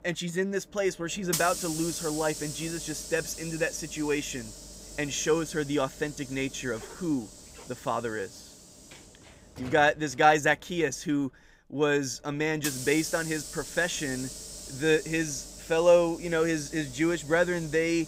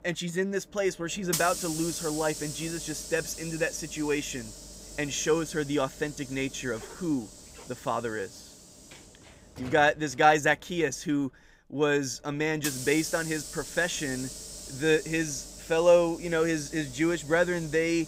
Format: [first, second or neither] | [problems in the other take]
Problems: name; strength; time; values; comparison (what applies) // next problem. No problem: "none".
neither | hiss; noticeable; throughout; 10 dB below the speech; the same in both